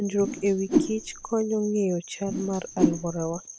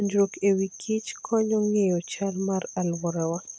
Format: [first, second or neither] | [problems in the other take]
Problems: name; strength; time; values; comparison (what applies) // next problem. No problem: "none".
second | background sound (Whoosh, swoosh, swish); 1 dB below the speech